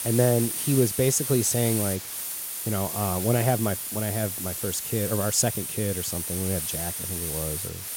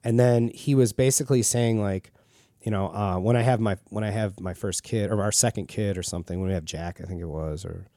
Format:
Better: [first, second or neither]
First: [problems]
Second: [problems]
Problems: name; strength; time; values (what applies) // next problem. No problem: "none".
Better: second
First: hiss; loud; throughout; 2 dB below the speech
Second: none